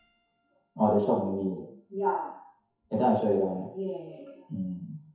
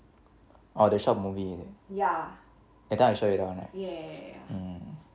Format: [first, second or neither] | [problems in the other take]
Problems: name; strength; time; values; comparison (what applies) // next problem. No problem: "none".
second | noise reduction (classical method WPE with log-MMSE)